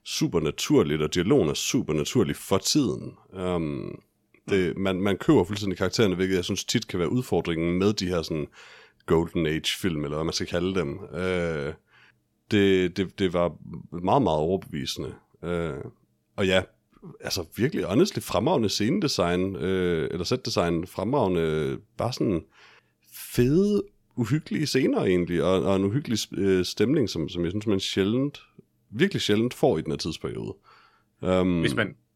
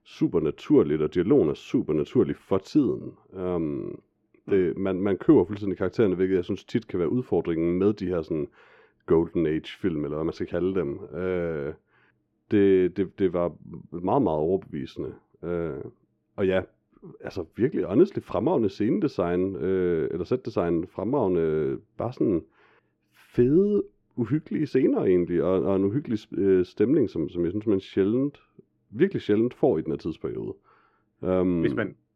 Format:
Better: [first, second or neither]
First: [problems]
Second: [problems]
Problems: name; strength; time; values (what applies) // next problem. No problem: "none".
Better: first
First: none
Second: muffled; very; fading above 3.5 kHz